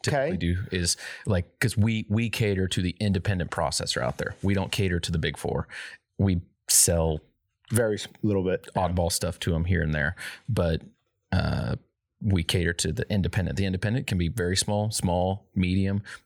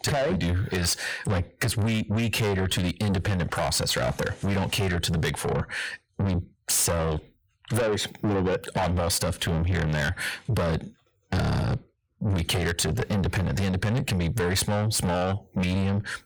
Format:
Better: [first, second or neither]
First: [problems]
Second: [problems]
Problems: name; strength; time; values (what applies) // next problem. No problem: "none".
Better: first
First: none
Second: distortion; heavy; 5 dB below the speech